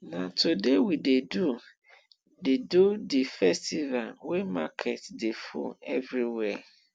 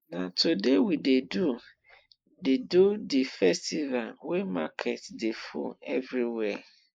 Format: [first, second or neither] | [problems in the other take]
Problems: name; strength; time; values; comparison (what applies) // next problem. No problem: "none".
first | noise reduction (neural mask model Resemble Enhance denoiser)